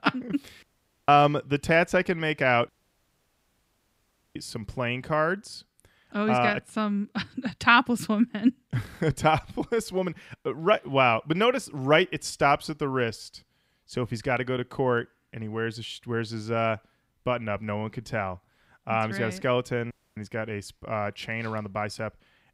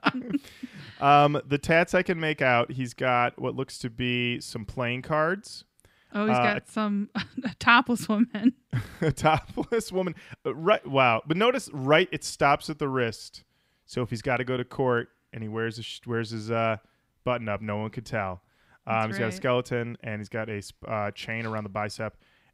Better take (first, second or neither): second